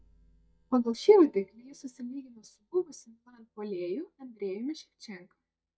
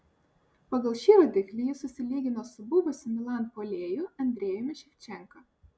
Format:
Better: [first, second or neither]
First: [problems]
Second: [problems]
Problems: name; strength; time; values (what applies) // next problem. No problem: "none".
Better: second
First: noise reduction (neural mask model DeepFilterNet 3)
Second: none